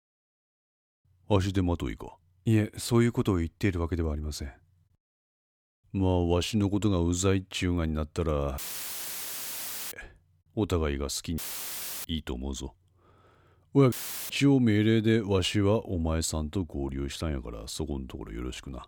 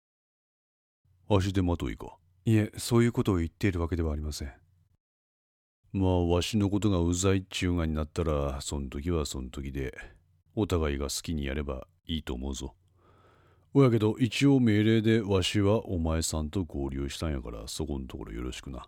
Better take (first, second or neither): second